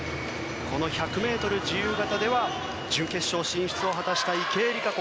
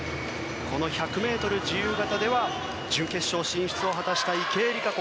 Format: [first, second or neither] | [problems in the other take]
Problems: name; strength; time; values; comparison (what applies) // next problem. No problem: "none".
second | background sound (Gunshot, gunfire); 18 dB below the speech